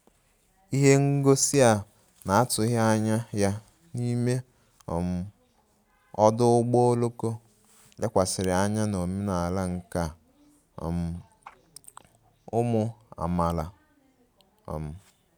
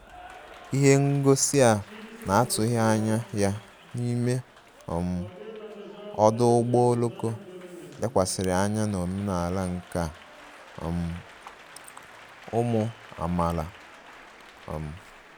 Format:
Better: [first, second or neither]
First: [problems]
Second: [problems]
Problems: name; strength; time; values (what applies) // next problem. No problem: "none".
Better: first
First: none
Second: background sound (Applause); 18 dB below the speech